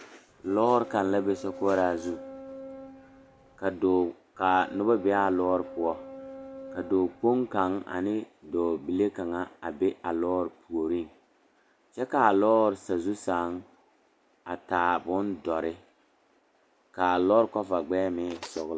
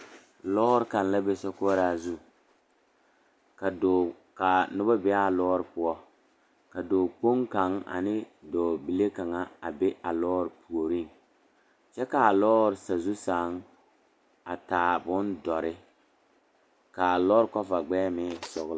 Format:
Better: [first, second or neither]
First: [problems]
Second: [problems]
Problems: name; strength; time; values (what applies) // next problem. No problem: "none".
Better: second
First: background sound (Boat, Water vehicle); 16 dB below the speech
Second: none